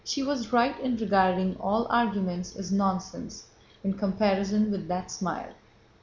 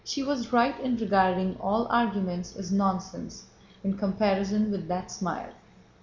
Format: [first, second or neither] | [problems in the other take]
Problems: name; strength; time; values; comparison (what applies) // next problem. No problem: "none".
first | room echo; dies away in 1.6 s